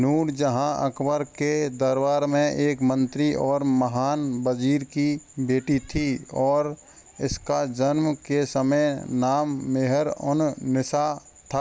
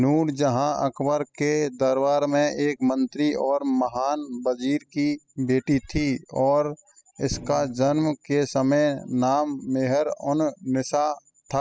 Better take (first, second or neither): first